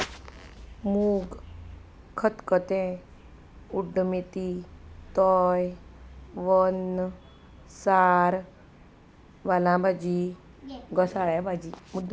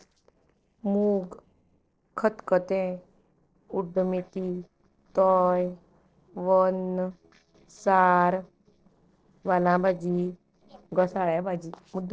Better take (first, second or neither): first